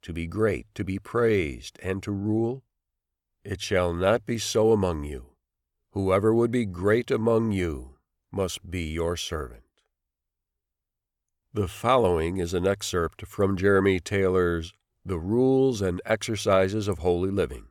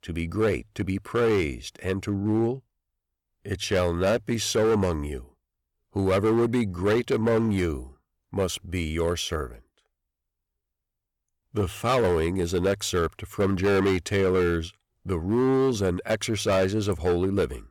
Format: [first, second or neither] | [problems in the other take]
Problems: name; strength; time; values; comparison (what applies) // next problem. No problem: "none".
first | distortion; slight; 8% of the sound clipped